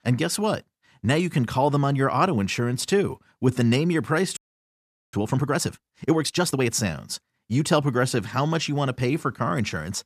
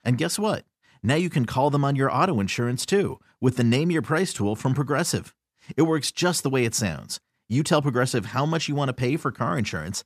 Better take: second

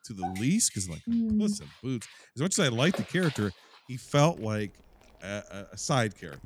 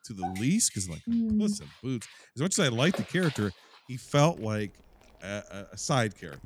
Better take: neither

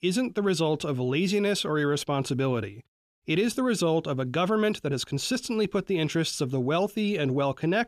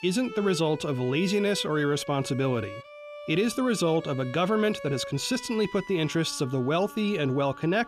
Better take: first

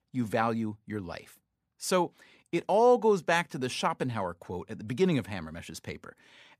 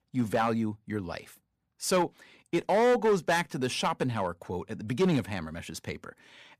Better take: first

